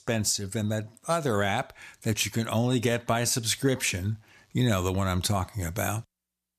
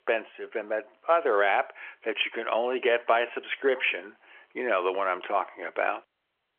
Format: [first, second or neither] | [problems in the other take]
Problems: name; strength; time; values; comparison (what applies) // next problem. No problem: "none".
first | phone-call audio; nothing above 3.5 kHz